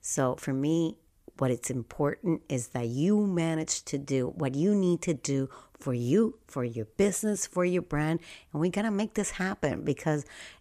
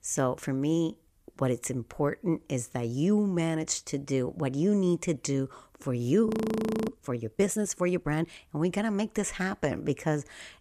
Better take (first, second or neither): first